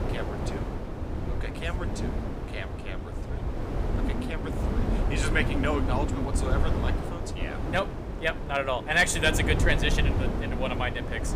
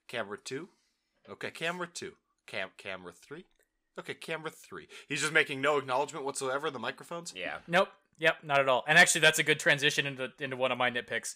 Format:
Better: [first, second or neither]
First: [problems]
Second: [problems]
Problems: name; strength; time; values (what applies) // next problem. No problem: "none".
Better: second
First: wind noise on the microphone; heavy; 8 dB below the speech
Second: none